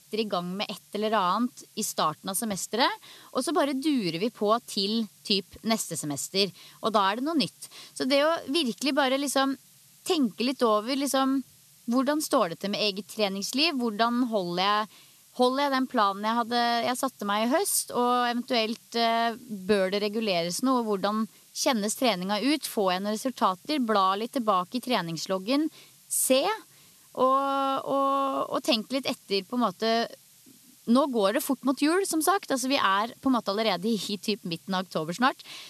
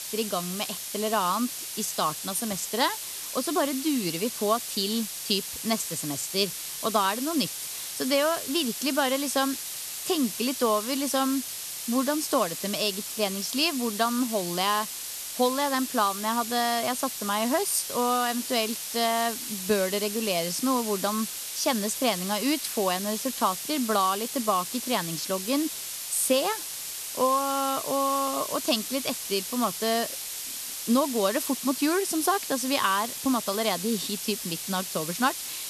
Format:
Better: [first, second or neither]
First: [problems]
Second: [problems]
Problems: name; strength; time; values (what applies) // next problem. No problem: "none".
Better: first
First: hiss; faint; throughout; 25 dB below the speech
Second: hiss; loud; throughout; 5 dB below the speech